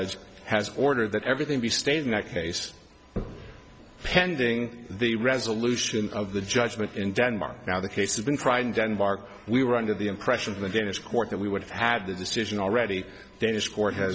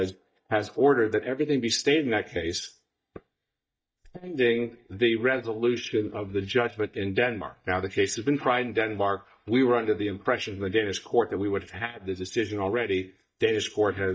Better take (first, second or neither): first